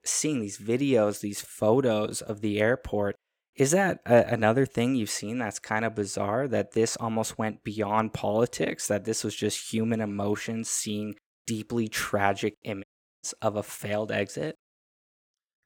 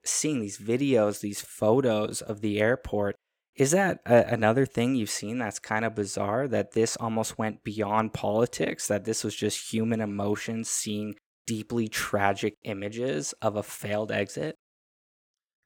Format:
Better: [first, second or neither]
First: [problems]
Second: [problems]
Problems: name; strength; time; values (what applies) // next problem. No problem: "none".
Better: second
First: audio cutting out; at 13 s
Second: none